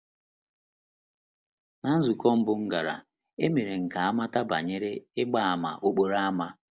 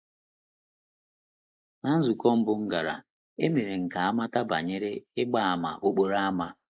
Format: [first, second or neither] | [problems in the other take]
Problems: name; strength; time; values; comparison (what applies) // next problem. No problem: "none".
first | noise reduction (neural mask model Resemble Enhance denoiser)